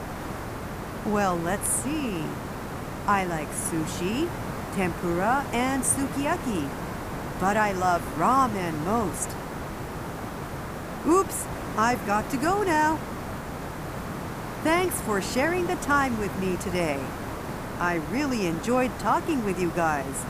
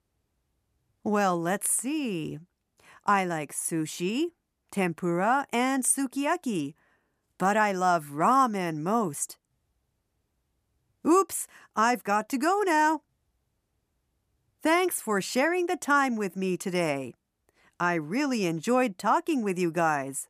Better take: second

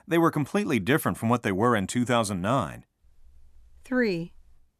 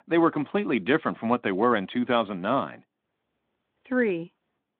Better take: first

